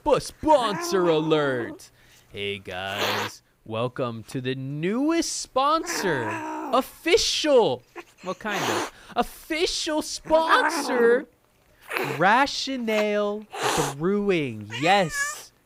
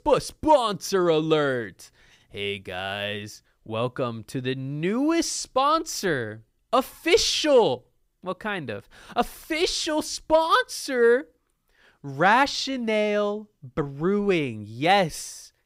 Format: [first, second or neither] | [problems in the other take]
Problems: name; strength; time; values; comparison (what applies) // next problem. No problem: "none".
second | hiss; loud; throughout; 6 dB below the speech